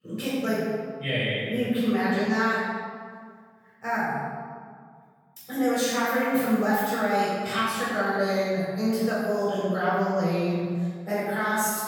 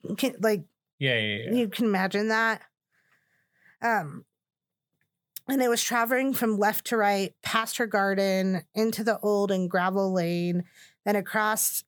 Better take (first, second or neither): second